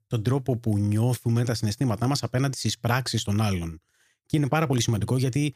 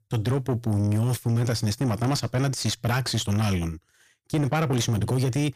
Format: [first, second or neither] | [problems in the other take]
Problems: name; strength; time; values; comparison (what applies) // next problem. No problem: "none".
first | distortion; slight; 10 dB below the speech